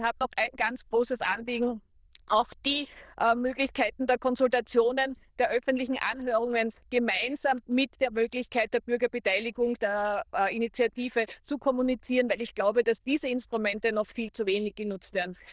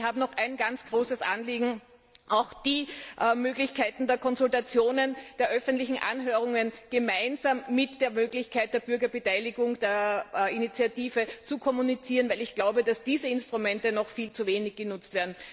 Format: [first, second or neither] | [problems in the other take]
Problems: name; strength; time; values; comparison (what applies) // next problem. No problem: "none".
second | noise reduction (neural diffusion model UNIVERSE++)